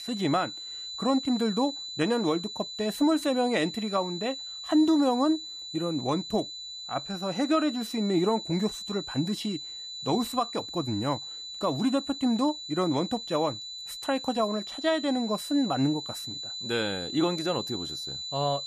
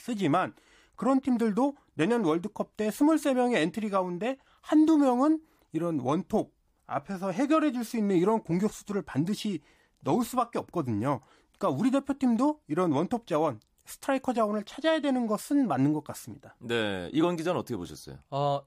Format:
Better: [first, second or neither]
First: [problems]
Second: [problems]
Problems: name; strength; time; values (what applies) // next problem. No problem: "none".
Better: second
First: high-pitched whine; loud; throughout; 4 kHz, 7 dB below the speech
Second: none